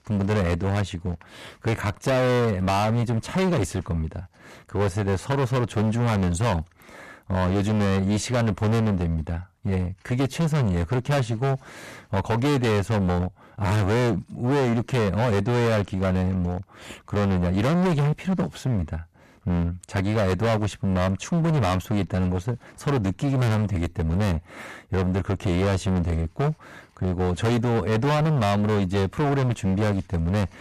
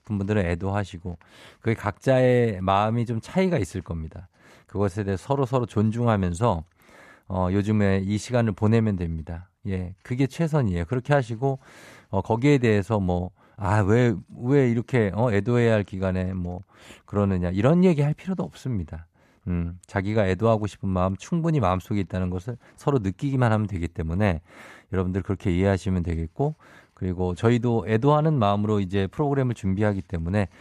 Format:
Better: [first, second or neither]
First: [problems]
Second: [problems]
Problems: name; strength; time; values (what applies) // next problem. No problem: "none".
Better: second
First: distortion; heavy; 25% of the sound clipped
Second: none